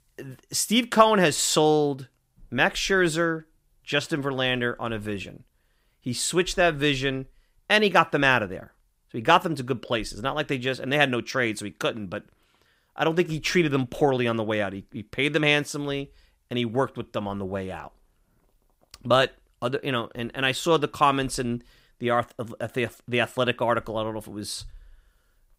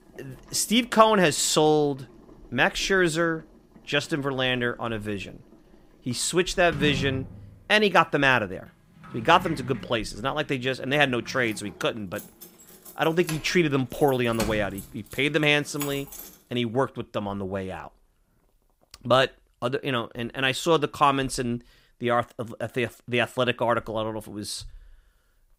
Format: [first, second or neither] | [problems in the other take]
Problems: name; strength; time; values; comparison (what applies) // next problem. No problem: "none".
first | household noises; noticeable; until 16 s; 15 dB below the speech